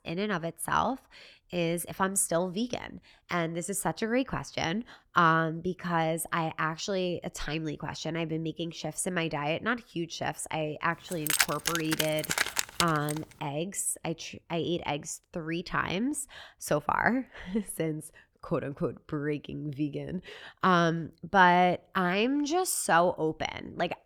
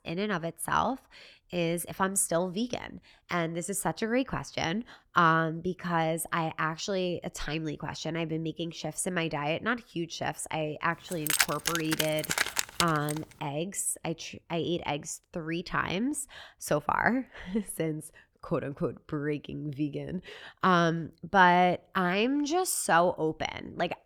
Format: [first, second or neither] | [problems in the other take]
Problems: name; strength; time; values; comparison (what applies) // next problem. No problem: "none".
neither | jangling keys; loud; from 11 to 13 s; peak 4 dB above the speech; the same in both